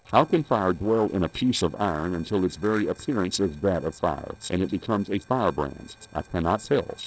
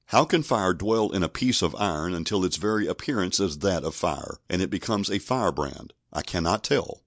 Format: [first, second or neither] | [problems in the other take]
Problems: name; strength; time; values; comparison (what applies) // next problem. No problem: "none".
second | noise reduction (neural separator model SepFormer DNS4)